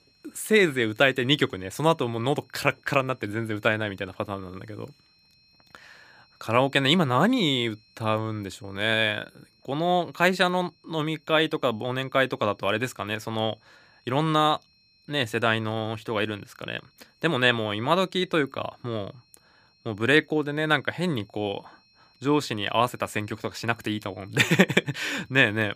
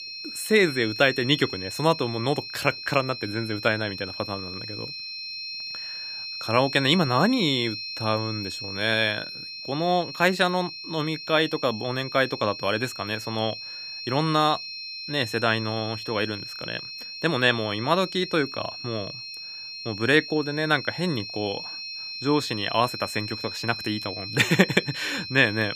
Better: first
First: high-pitched whine; faint; throughout; 4 kHz, 35 dB below the speech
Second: high-pitched whine; loud; throughout; 4 kHz, 8 dB below the speech

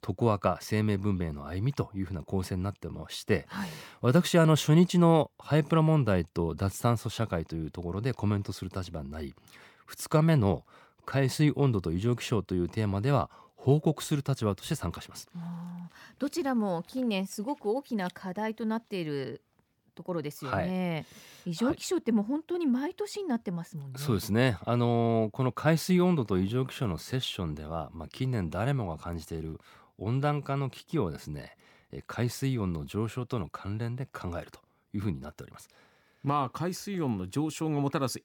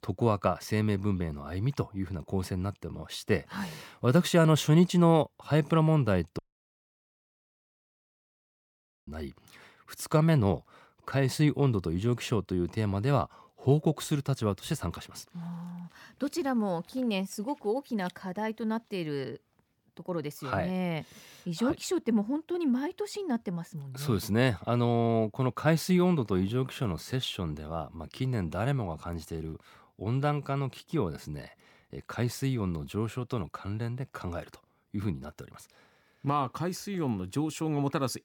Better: first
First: none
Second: audio cutting out; at 6.5 s for 2.5 s

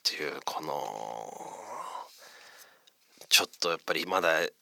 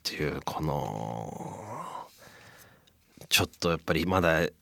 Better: second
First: thin; somewhat; fading below 450 Hz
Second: none

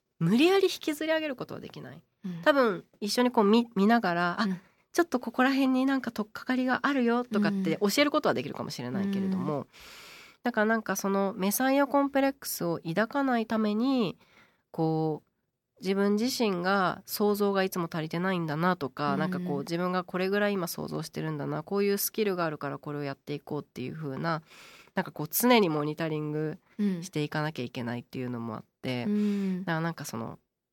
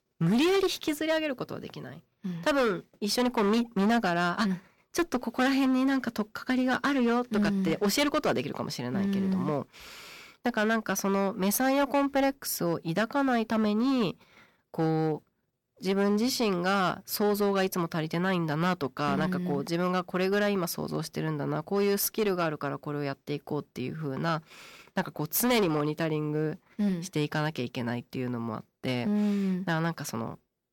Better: first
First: none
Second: distortion; slight; 9% of the sound clipped

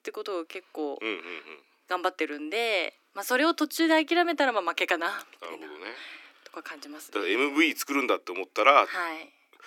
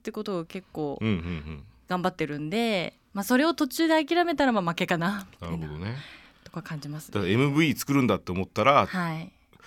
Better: second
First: thin; somewhat; fading below 300 Hz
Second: none

